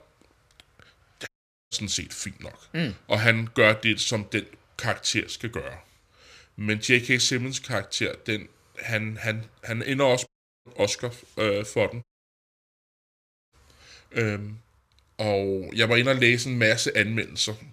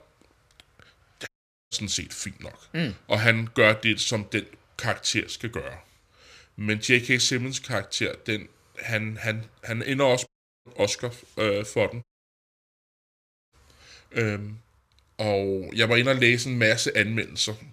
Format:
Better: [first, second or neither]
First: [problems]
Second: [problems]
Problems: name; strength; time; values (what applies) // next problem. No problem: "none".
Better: neither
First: audio cutting out; at 1.5 s, at 10 s and at 12 s for 1.5 s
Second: audio cutting out; at 1.5 s, at 10 s and at 12 s for 1.5 s